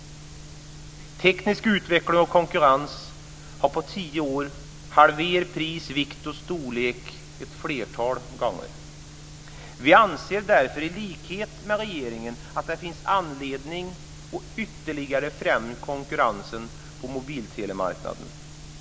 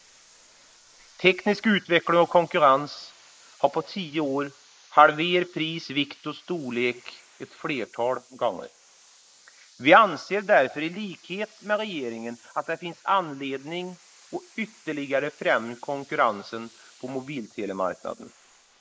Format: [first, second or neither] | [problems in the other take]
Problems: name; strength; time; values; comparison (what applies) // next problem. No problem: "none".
first | noise reduction (neural mask model Resemble Enhance denoiser)